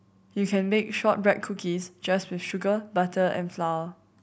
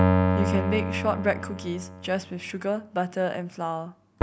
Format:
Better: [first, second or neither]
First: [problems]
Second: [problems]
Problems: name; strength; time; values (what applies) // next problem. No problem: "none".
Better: first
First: none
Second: background sound (Keyboard (musical)); 2 dB above the speech